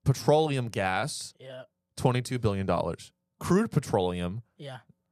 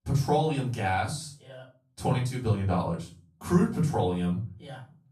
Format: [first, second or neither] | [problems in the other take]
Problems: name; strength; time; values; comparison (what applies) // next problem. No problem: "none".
first | off-mic speech; far // room echo; slight; dies away in 0.4 s